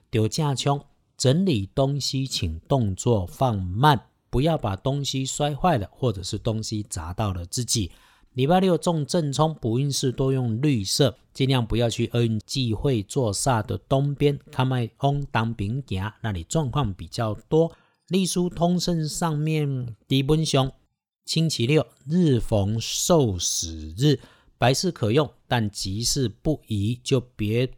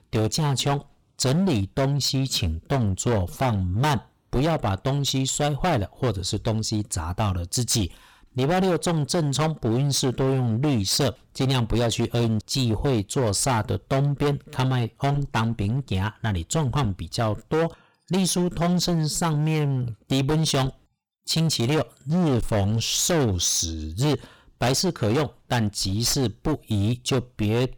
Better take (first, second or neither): first